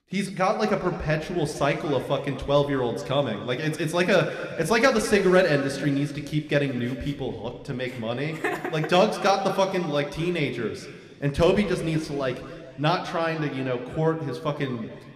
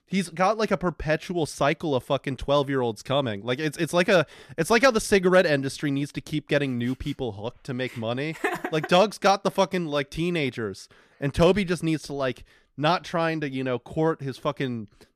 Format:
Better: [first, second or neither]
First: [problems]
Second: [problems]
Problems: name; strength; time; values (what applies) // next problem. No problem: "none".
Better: second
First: room echo; very slight; dies away in 2.2 s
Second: none